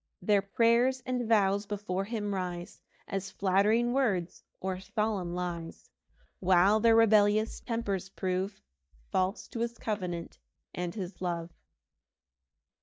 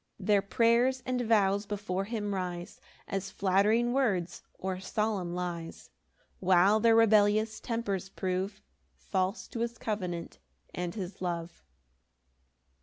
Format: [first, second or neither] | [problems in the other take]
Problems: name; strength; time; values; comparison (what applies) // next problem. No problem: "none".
second | noise reduction (neural mask model DeepFilterNet 3)